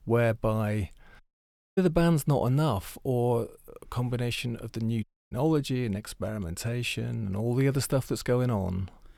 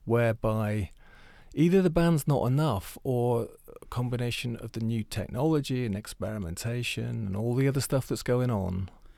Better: second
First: audio cutting out; at 1 s for 0.5 s and at 5 s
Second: none

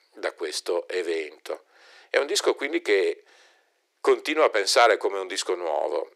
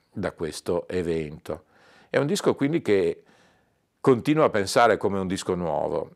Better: second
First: thin; very; fading below 350 Hz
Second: none

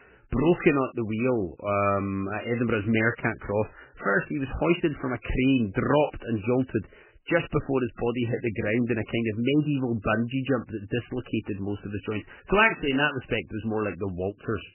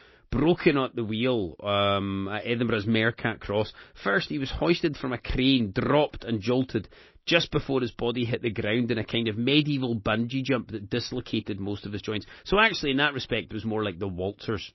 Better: second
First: garbled, watery; badly; nothing above 3 kHz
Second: garbled, watery; slightly; nothing above 6 kHz

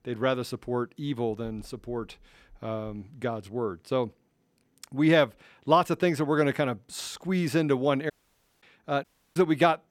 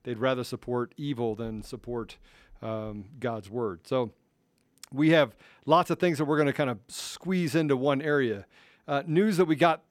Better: second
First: audio cutting out; at 8 s for 0.5 s and at 9 s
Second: none

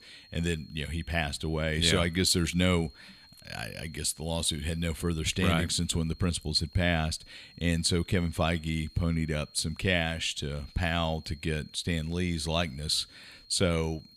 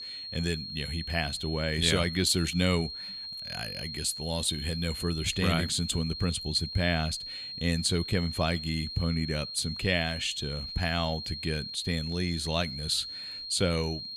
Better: first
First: high-pitched whine; faint; throughout; 4 kHz, 25 dB below the speech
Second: high-pitched whine; loud; throughout; 4 kHz, 7 dB below the speech

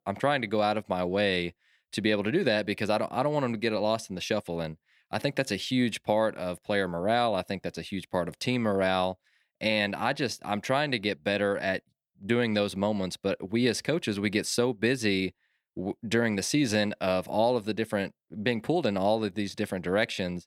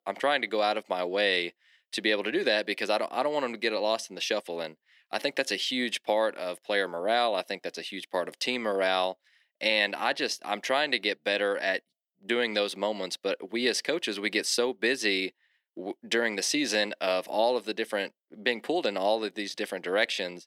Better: first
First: none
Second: thin; somewhat; fading below 300 Hz

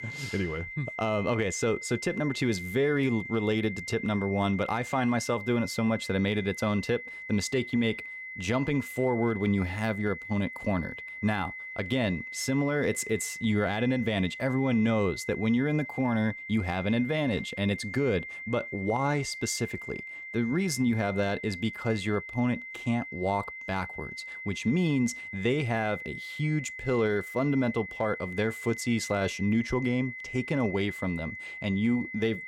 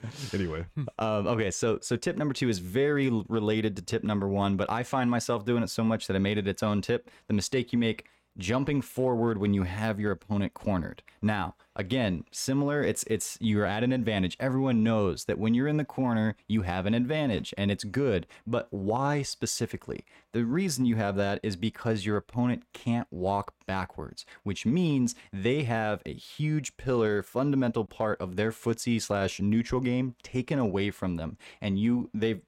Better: second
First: high-pitched whine; loud; throughout; 2 kHz, 9 dB below the speech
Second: none

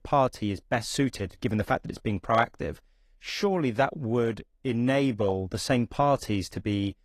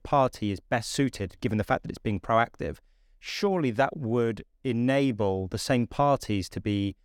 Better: second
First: garbled, watery; slightly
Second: none

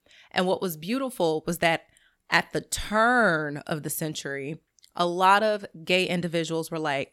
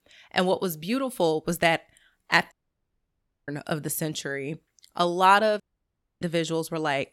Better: first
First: none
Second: audio cutting out; at 2.5 s for 1 s and at 5.5 s for 0.5 s

